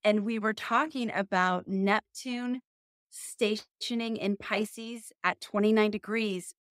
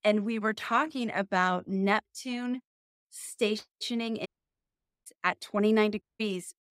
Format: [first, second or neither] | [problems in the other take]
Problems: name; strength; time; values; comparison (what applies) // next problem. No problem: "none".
first | audio cutting out; at 4.5 s for 1 s and at 6 s